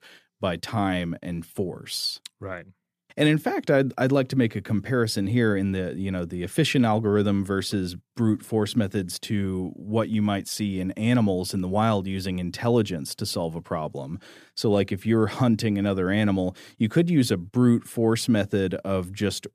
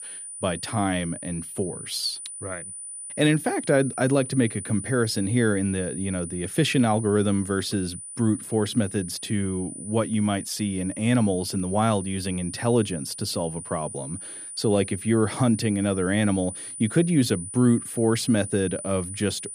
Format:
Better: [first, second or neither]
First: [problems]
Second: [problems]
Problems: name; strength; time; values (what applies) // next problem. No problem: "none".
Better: first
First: none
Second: high-pitched whine; loud; throughout; 9.5 kHz, 10 dB below the speech